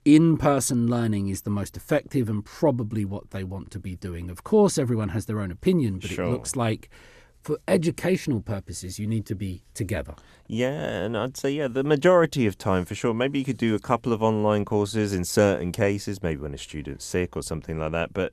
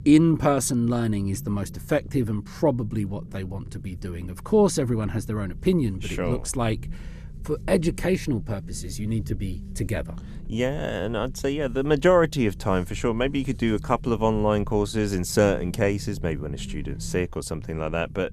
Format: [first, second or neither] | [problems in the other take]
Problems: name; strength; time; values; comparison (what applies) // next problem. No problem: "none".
first | low rumble; faint; throughout; 25 dB below the speech